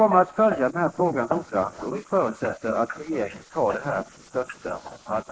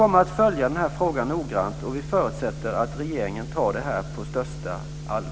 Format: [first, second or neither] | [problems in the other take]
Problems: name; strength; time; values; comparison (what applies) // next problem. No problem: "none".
second | noise reduction (neural mask model Resemble Enhance denoiser)